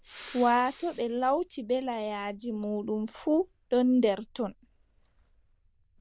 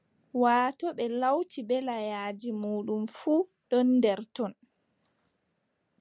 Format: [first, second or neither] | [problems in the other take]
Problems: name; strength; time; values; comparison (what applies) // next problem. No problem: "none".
second | noise reduction (neural diffusion model UNIVERSE++)